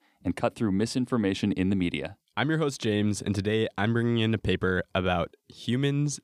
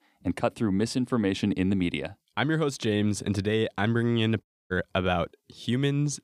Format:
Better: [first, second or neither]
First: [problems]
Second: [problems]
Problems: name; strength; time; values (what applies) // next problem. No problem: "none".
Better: first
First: none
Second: audio cutting out; at 4.5 s